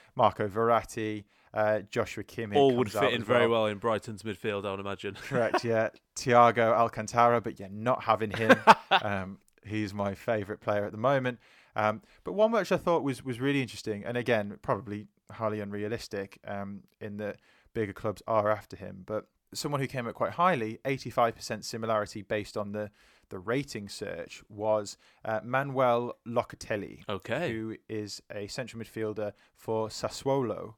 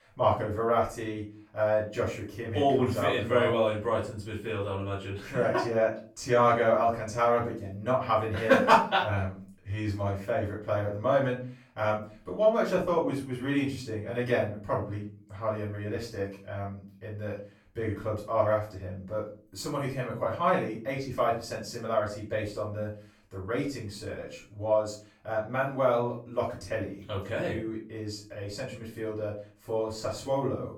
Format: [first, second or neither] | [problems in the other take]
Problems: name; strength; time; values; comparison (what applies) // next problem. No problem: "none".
first | off-mic speech; far // room echo; slight; dies away in 0.4 s